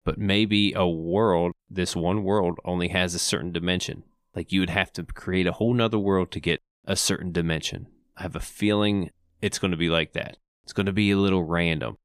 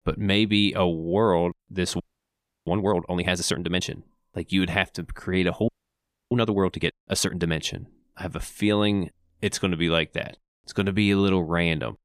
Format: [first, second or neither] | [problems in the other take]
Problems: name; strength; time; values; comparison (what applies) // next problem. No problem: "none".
first | audio freezing; at 2 s for 0.5 s and at 5.5 s for 0.5 s